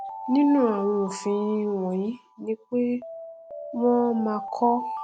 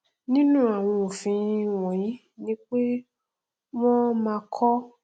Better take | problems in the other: second | background sound (Alarm); 12 dB below the speech

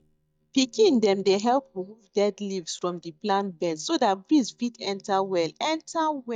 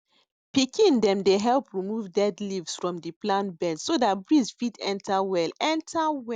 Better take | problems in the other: second | noise reduction (neural mask model DeepFilterNet 3)

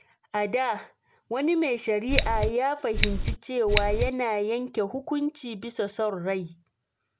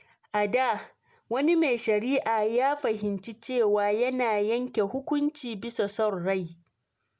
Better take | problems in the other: second | background sound (Scissors); 3 dB above the speech

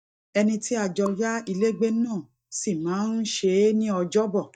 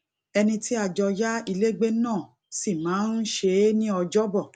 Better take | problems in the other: second | noise reduction (neural mask model DeepFilterNet 3)

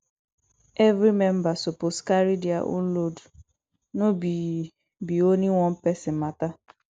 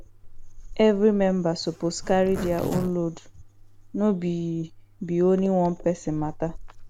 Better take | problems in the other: first | background sound (Zipper (clothing)); 13 dB below the speech

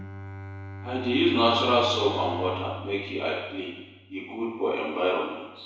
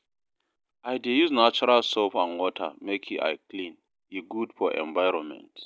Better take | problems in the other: second | background sound (Bowed string instrument); 13 dB below the speech // room echo; dies away in 1 s

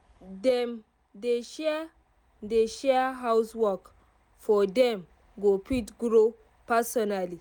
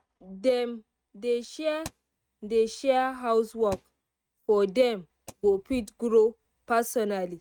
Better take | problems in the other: first | noise reduction (neural mask model RNNoise)

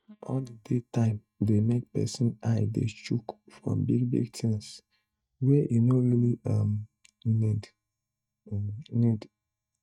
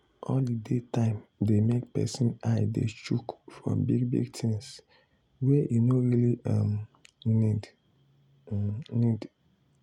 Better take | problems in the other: second | noise reduction (neural mask model DeepFilterNet 3)

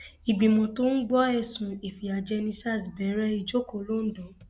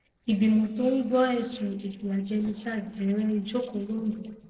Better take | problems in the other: first | noise reduction (neural separator model SepFormer DNS4)

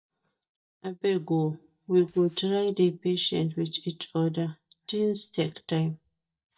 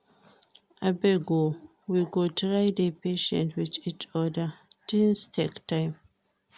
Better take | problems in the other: second | noise reduction (neural mask model DeepFilterNet 3)

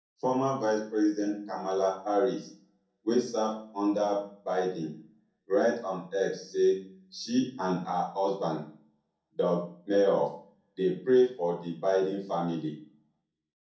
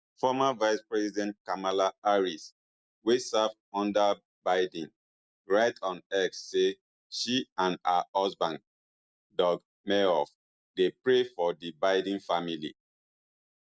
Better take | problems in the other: second | room echo; dies away in 0.6 s

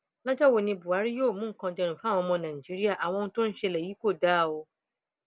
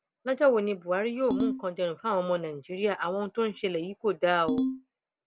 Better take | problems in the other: first | background sound (Ringtone); 3 dB below the speech

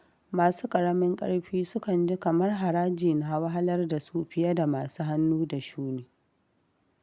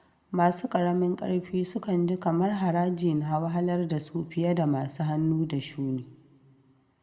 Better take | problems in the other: first | room echo; dies away in 1.8 s

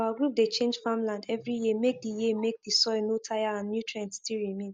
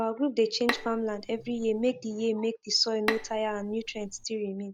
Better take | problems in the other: first | background sound (Bowed string instrument); 8 dB below the speech

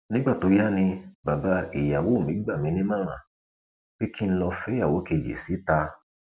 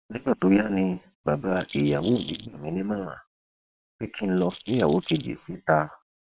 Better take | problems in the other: first | noise reduction (neural separator model SepFormer WHAM!)

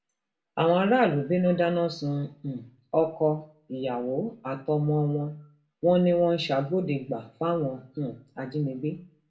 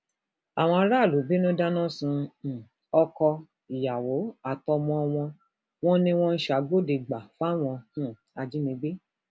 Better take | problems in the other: second | room echo; dies away in 0.4 s

